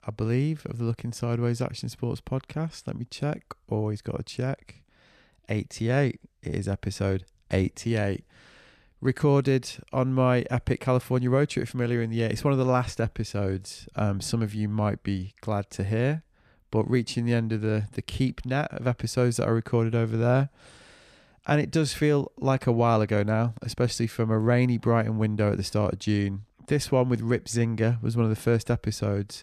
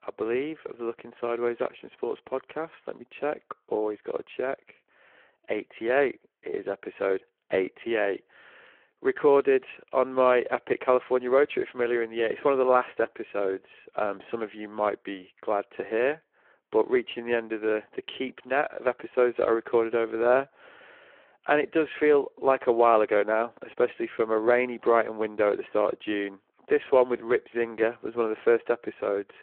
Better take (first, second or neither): first